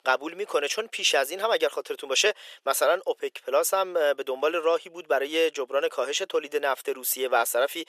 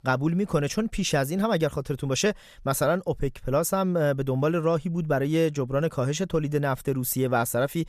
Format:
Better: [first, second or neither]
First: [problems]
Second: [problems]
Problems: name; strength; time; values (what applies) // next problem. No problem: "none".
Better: second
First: thin; very; fading below 400 Hz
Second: none